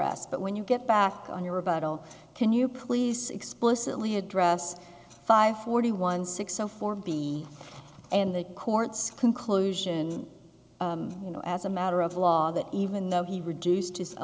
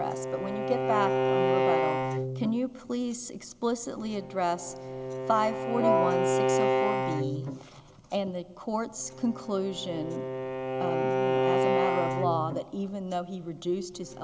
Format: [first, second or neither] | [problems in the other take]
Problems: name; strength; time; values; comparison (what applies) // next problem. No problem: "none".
first | background sound (Wind instrument, woodwind instrument + Bowed string instrument); 3 dB above the speech